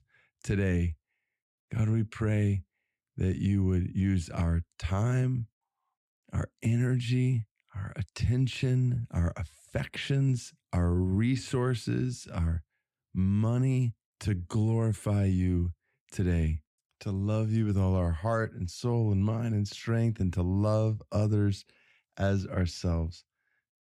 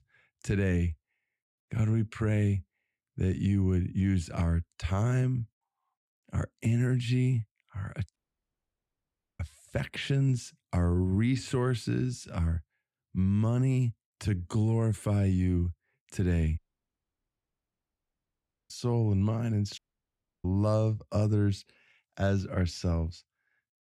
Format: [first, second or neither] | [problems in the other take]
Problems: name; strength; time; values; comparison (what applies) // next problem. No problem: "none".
first | audio cutting out; at 8 s for 1 s, at 17 s for 2 s and at 20 s for 0.5 s